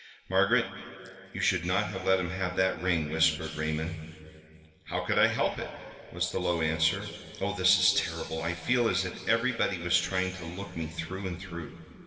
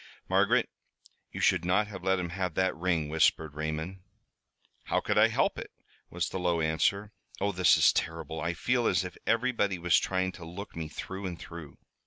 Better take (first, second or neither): second